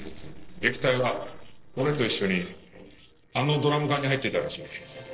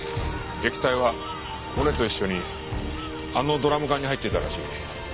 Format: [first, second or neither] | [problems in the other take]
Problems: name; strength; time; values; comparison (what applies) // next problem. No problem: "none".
second | noise reduction (neural separator model SepFormer DNS4)